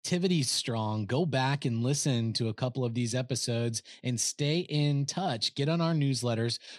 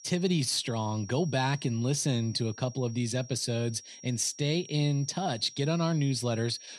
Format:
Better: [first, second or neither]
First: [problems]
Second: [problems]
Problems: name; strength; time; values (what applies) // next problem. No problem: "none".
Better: first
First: none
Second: high-pitched whine; noticeable; throughout; 5.5 kHz, 20 dB below the speech